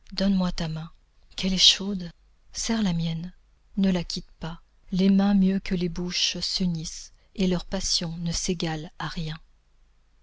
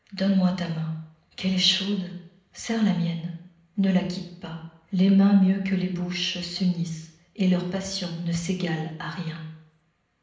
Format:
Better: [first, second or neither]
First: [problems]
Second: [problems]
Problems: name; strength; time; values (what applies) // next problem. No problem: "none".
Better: first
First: none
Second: room echo; dies away in 0.8 s